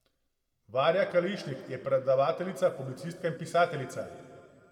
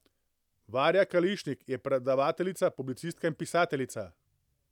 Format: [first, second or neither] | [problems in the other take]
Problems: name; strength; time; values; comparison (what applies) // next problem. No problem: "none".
second | room echo; dies away in 1.7 s